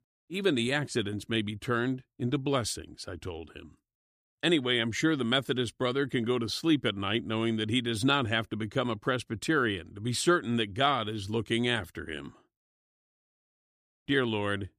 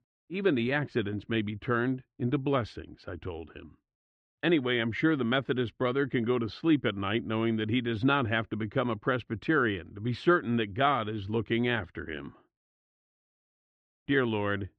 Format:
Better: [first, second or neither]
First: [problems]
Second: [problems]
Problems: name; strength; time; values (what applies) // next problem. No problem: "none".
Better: first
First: none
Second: muffled; very; fading above 2.5 kHz